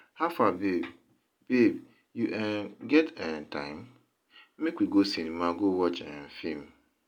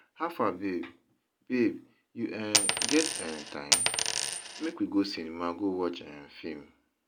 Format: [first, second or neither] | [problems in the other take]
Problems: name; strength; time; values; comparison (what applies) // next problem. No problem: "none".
first | background sound (Coin (dropping)); 4 dB above the speech